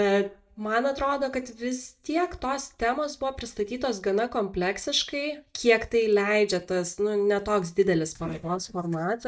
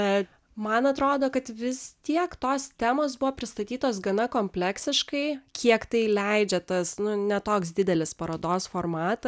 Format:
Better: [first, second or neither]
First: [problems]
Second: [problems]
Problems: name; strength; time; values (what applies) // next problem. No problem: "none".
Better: second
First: noise reduction (neural mask model DeepFilterNet 3)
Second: none